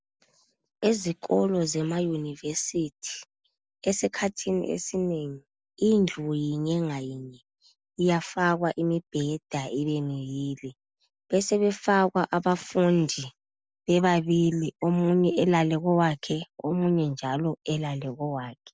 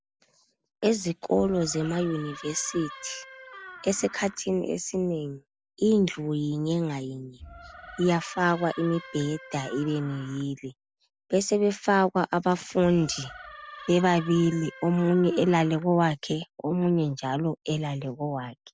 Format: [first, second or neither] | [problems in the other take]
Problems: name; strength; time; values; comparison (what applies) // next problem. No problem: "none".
first | background sound (Door); 18 dB below the speech